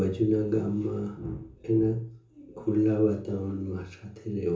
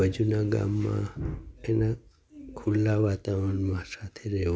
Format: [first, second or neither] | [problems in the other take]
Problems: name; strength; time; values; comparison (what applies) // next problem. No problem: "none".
second | room echo; dies away in 0.6 s